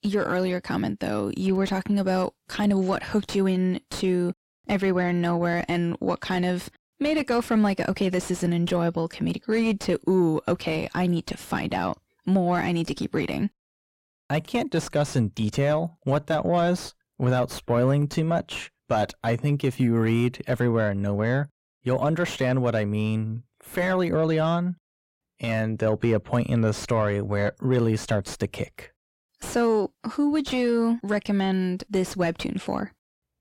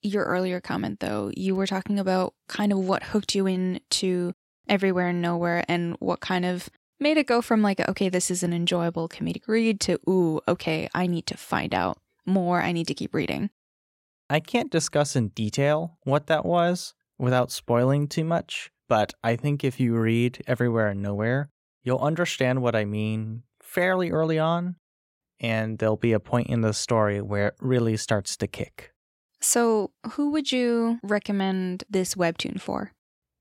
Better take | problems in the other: second | distortion; slight; 10 dB below the speech

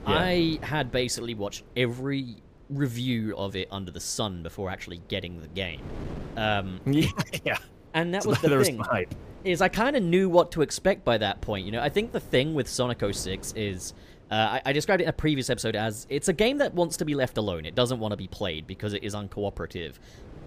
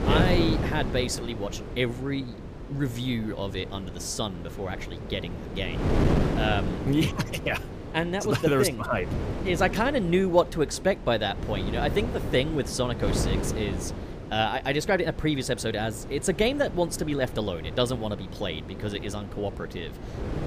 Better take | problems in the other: first | wind noise on the microphone; heavy; 9 dB below the speech; occasional gusts in the first

